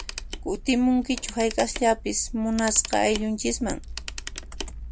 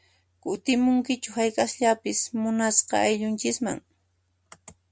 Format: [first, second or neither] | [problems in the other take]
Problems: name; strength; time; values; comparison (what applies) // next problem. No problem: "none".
second | background sound (Camera); 10 dB below the speech